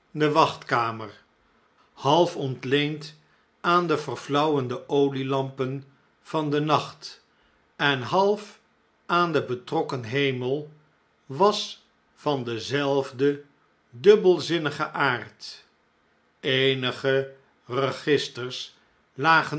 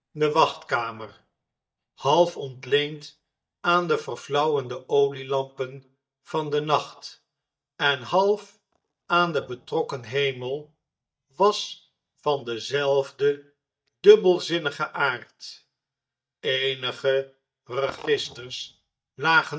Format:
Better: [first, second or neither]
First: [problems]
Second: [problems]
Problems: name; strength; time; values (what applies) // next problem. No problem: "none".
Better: first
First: none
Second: noise reduction (neural mask model DeepFilterNet 3)